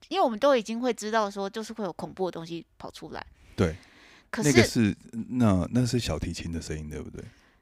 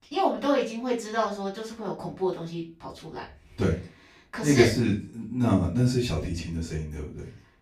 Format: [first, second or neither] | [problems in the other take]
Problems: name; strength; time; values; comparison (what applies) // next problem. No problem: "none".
first | off-mic speech; far // room echo; slight; dies away in 0.3 s